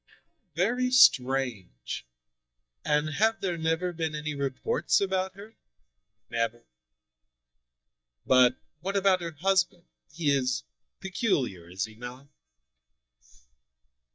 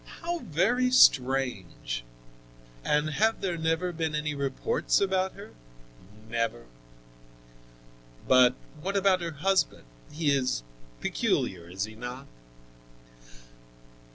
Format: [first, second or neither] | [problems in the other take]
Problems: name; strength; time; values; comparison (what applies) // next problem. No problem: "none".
second | noise reduction (neural mask model DeepFilterNet 3)